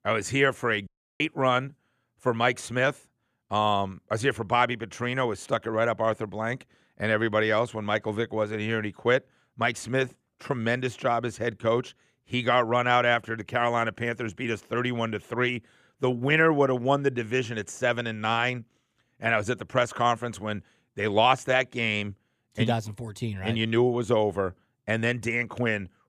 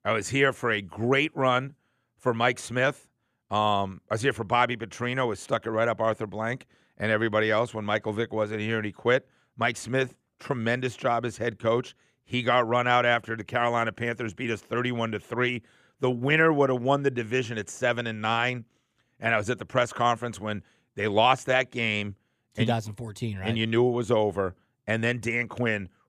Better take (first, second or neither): second